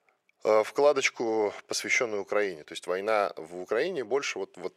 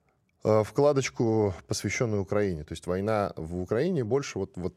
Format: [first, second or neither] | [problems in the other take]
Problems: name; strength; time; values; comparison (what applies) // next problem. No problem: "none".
second | thin; very; fading below 500 Hz